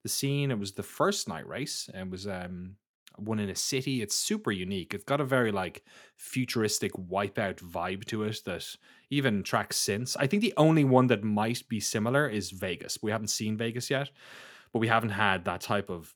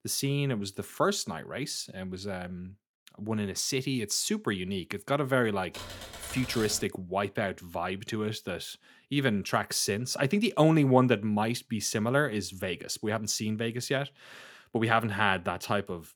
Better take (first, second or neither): first